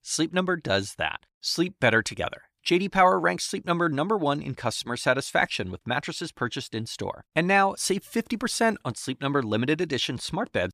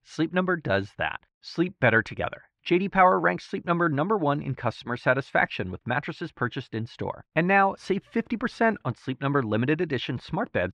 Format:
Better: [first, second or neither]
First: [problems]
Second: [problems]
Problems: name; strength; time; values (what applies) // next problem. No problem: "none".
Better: first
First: none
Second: muffled; very; fading above 2 kHz